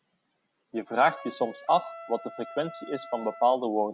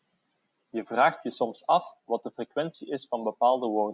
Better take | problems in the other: second | background sound (Trumpet); 17 dB below the speech

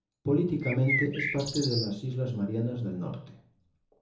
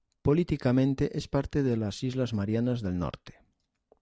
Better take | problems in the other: second | background sound (Bird); 3 dB below the speech // room echo; dies away in 0.8 s

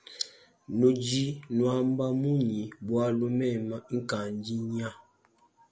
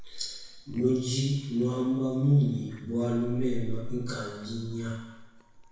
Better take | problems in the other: first | background sound (Chewing, mastication); 9 dB below the speech // room echo; dies away in 1 s

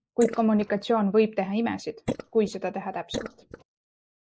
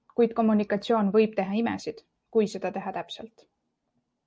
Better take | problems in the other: second | noise reduction (neural mask model Resemble Enhance denoiser)

